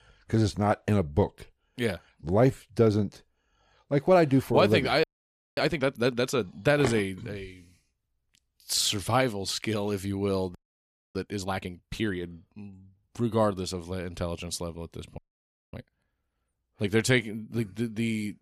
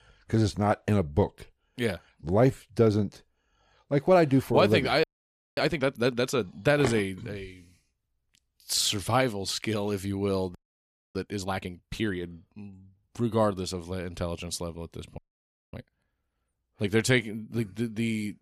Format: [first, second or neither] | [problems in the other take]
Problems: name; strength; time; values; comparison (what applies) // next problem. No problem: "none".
neither | audio freezing; at 5 s for 0.5 s, at 11 s for 0.5 s and at 15 s for 0.5 s; the same in both